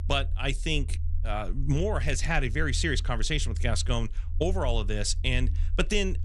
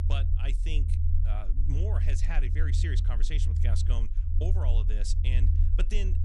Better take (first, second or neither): first